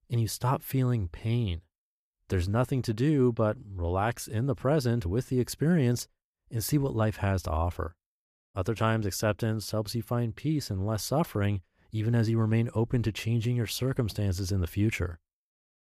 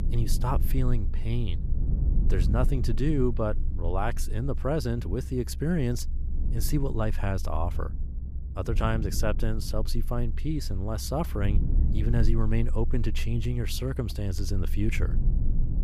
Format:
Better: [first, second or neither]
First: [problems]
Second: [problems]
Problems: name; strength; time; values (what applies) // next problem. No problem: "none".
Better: first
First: none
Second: low rumble; noticeable; throughout; 15 dB below the speech